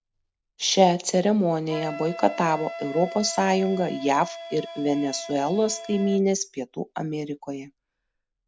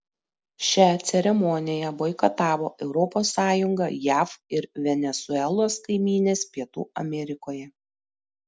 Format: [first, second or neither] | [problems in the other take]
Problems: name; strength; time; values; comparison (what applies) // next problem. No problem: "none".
second | background sound (Wind instrument, woodwind instrument); 14 dB below the speech